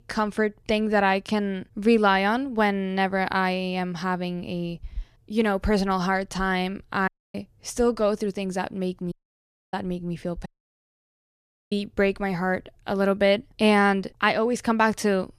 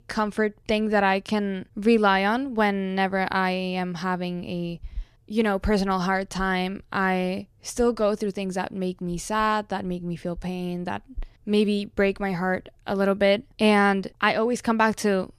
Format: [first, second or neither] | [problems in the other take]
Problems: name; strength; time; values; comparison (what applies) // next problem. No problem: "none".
second | audio cutting out; at 7 s, at 9 s for 0.5 s and at 10 s for 1.5 s